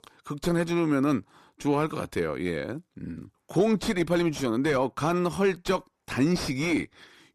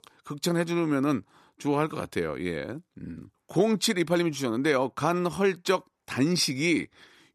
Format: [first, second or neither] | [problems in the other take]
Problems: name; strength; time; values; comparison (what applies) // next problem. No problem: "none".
second | distortion; slight; 9 dB below the speech